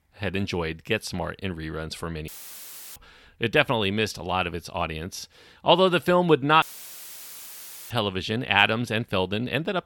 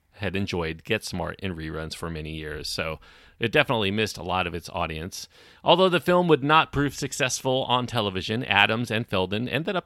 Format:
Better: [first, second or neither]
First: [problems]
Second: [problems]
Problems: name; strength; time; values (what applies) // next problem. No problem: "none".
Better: second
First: audio cutting out; filled with static; at 2.5 s for 0.5 s and at 6.5 s for 1.5 s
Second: none